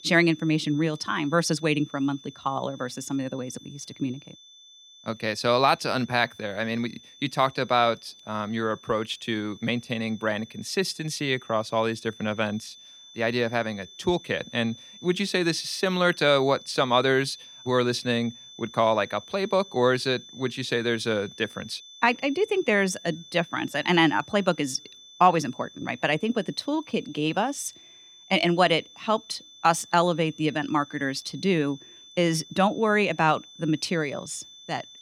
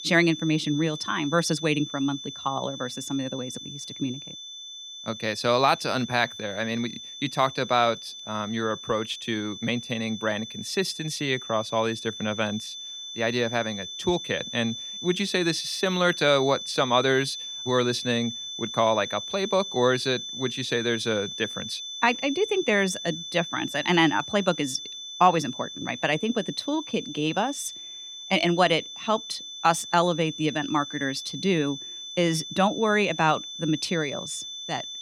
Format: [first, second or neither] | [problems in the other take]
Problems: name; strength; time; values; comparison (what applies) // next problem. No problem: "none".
first | high-pitched whine; loud; throughout; 3.5 kHz, 9 dB below the speech; faint in the first